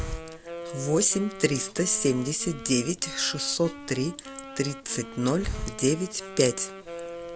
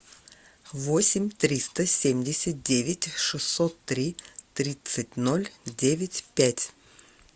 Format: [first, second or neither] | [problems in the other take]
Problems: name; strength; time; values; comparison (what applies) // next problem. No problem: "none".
second | background sound (Hiss + Wind instrument, woodwind instrument); 11 dB below the speech